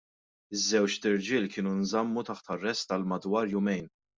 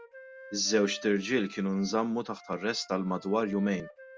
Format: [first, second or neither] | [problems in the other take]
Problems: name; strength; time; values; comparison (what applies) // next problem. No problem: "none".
first | background sound (Wind instrument, woodwind instrument); 20 dB below the speech